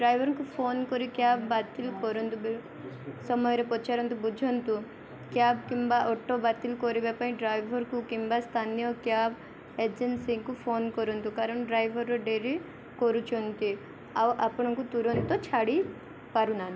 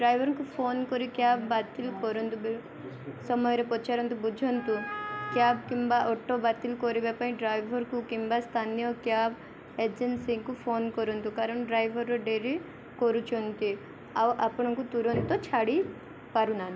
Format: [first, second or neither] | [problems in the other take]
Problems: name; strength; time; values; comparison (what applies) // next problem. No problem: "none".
first | background sound (Wind instrument, woodwind instrument); 9 dB below the speech